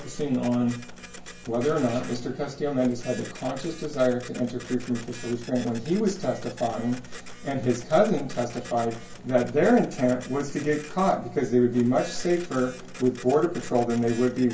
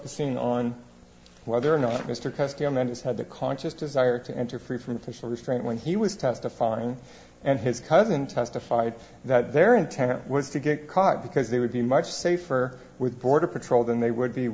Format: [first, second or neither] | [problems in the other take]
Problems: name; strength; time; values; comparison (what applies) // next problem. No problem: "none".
second | background sound (Printer); 19 dB below the speech // room echo; dies away in 0.2 s